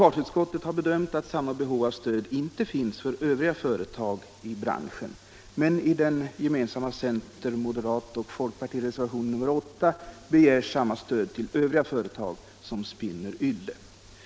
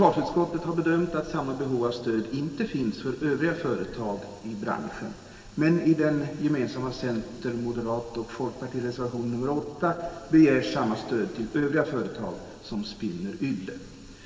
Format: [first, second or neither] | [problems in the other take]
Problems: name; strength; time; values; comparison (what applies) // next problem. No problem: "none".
first | room echo; dies away in 2.6 s